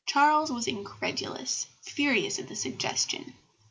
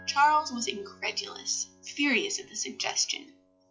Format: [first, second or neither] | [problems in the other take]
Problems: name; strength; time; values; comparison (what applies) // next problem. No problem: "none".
first | noise reduction (classical method log-MMSE)